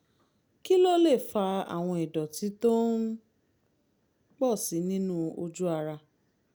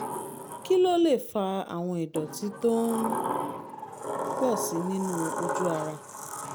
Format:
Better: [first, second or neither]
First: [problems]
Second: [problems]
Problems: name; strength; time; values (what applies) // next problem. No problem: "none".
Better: first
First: none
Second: background sound (Sliding door); 5 dB below the speech